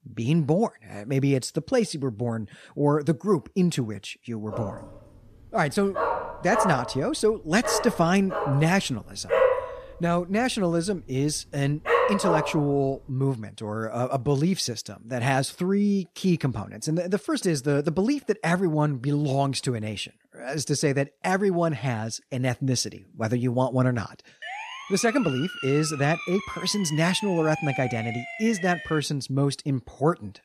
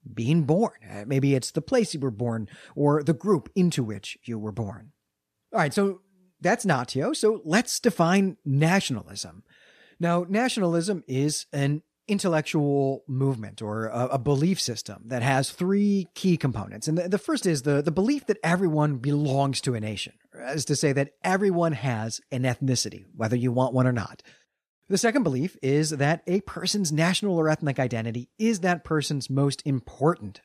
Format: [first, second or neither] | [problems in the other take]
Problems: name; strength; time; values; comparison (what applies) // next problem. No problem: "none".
second | dog barking; loud; from 4.5 to 13 s; peak 4 dB above the speech // siren; noticeable; from 24 to 29 s; peak 7 dB below the speech